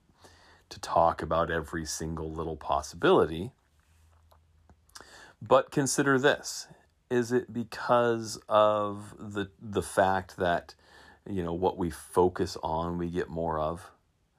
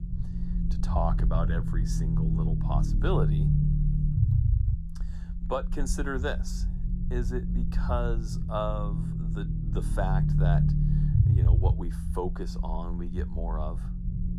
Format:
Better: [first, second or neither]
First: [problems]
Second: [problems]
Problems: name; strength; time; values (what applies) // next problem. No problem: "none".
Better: first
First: none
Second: low rumble; loud; throughout; 5 dB below the speech